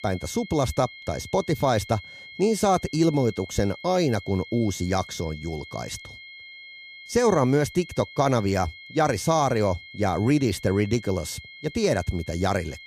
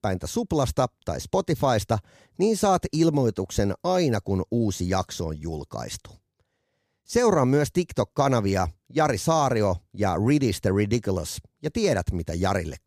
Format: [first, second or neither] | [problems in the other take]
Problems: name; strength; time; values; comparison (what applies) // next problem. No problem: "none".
second | high-pitched whine; noticeable; throughout; 2 kHz, 15 dB below the speech